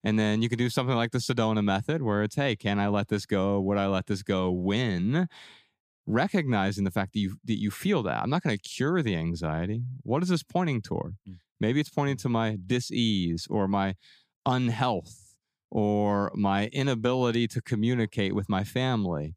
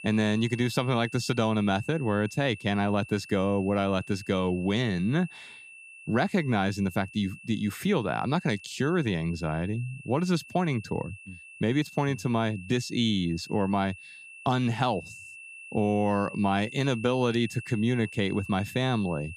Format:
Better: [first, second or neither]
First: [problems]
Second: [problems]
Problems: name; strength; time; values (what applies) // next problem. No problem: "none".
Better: first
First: none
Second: high-pitched whine; noticeable; throughout; 2.5 kHz, 15 dB below the speech